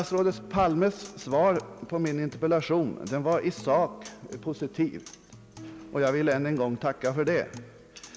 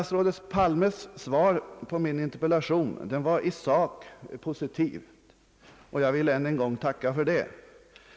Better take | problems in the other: second | background sound (Acoustic guitar); 19 dB below the speech

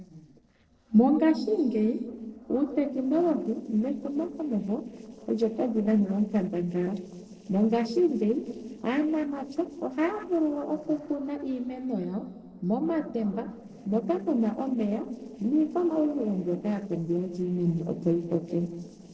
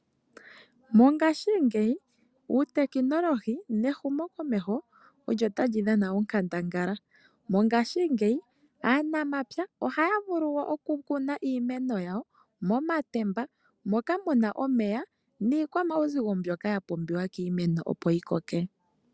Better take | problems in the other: second | noise reduction (neural separator model SepFormer DNS4)

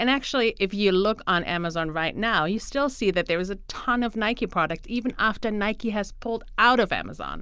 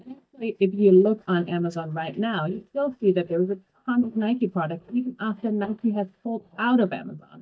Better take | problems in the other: first | noise reduction (neural mask model DeepFilterNet 3)

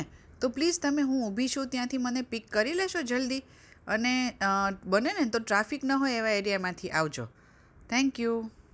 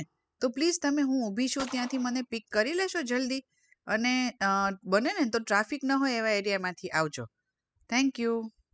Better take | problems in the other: first | noise reduction (classical method spectral subtraction)

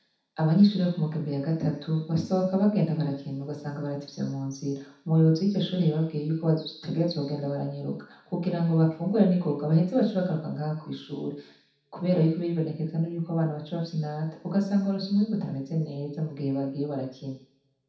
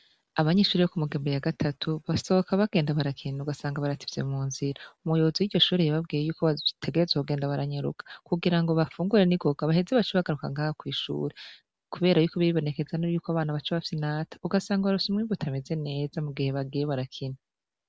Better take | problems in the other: second | room echo; dies away in 0.7 s

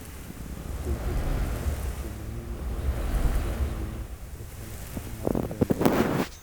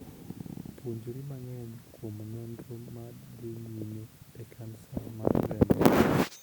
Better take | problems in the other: second | background sound (Fire); 1 dB above the speech

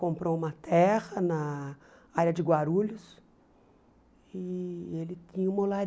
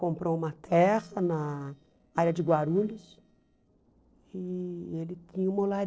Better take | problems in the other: first | noise reduction (neural separator model SepFormer DNS4)

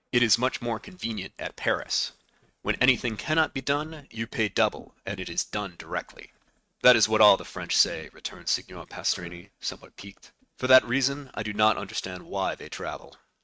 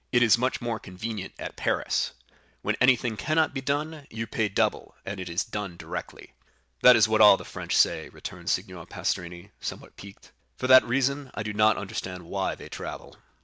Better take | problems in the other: second | noise reduction (neural mask model RNNoise)

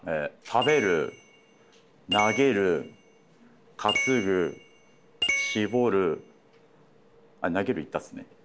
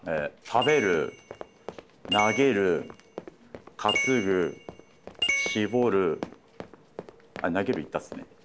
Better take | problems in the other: first | background sound (Run); 16 dB below the speech

